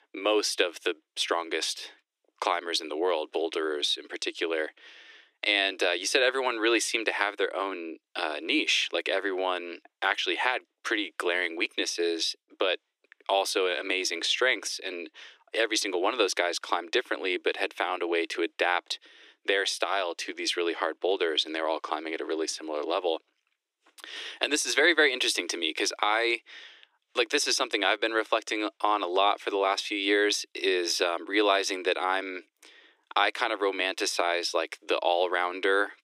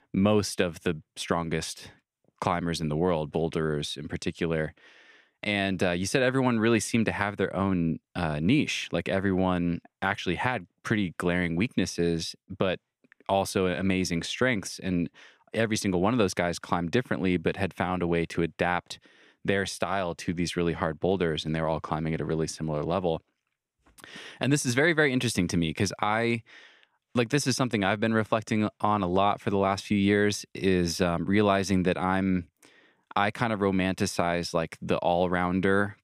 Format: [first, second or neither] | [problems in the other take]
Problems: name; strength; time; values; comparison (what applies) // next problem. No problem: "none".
second | thin; very; fading below 300 Hz